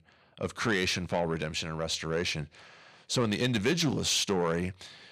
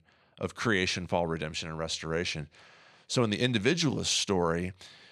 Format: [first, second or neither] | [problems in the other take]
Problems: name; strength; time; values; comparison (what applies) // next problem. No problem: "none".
second | distortion; slight; 10 dB below the speech